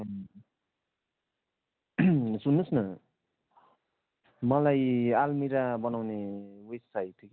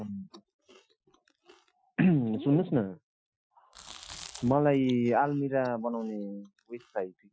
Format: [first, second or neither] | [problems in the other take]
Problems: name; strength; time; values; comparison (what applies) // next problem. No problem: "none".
first | noise reduction (classical method Wiener filter)